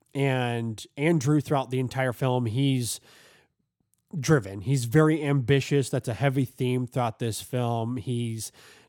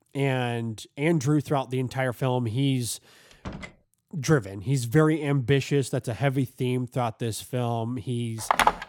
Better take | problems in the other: first | door banging; faint; at 3.5 s; peak 15 dB below the speech // phone ringing; loud; at 8.5 s; peak 4 dB above the speech

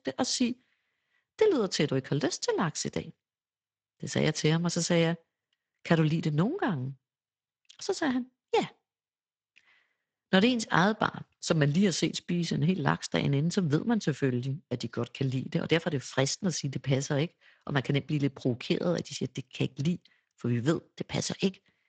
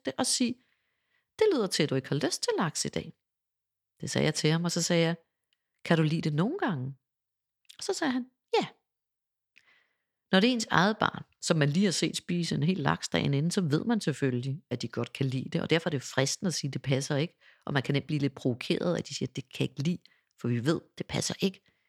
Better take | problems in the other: second | garbled, watery; slightly; nothing above 8 kHz

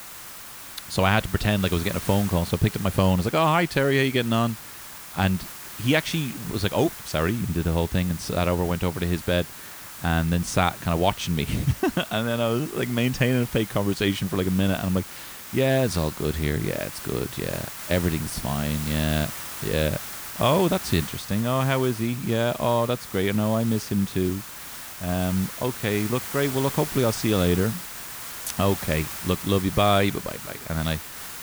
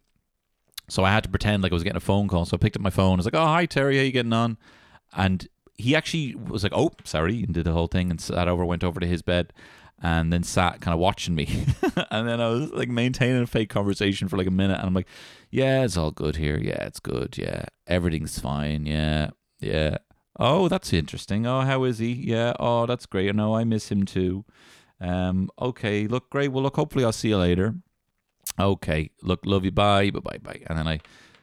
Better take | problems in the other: second | hiss; noticeable; throughout; 10 dB below the speech

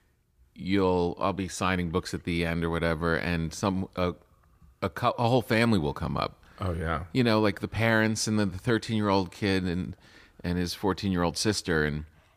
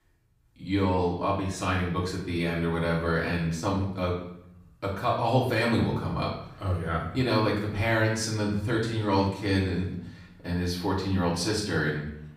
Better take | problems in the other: first | off-mic speech; far // room echo; noticeable; dies away in 0.6 s

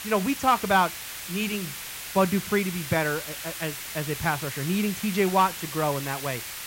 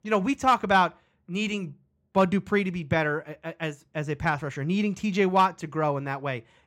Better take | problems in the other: second | hiss; loud; throughout; 8 dB below the speech

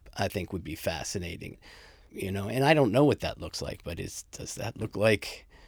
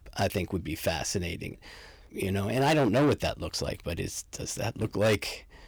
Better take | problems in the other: first | distortion; heavy; 6% of the sound clipped

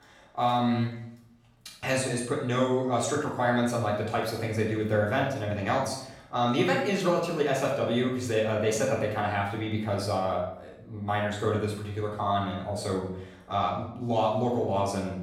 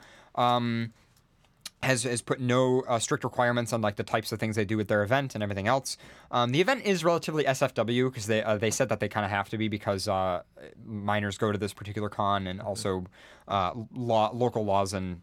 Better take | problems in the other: second | off-mic speech; far // room echo; noticeable; dies away in 0.6 s

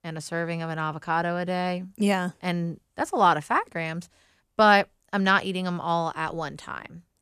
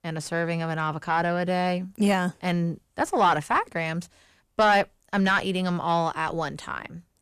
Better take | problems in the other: first | distortion; slight; 9 dB below the speech

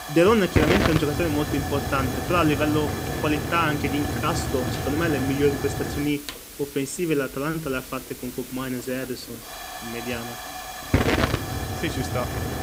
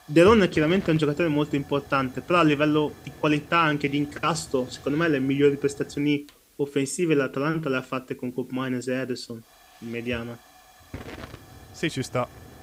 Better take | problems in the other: second | hiss; loud; throughout; 2 dB below the speech; faint in the second

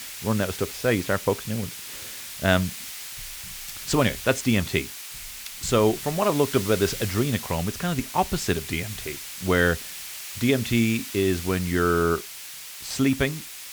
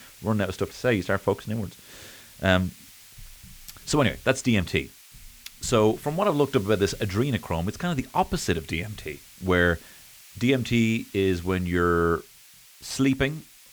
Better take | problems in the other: second | hiss; loud; throughout; 10 dB below the speech; faint in the second

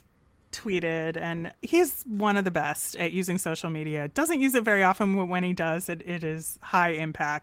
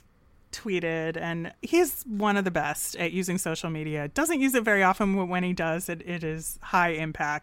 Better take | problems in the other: second | garbled, watery; slightly; nothing above 16.5 kHz

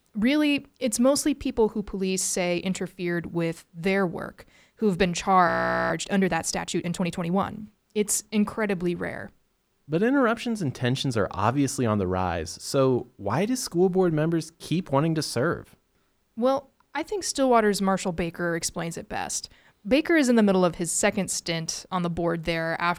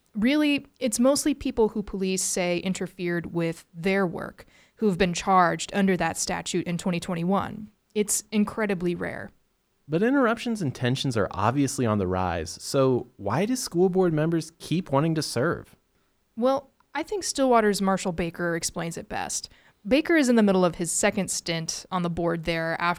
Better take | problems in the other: second | audio freezing; at 5.5 s

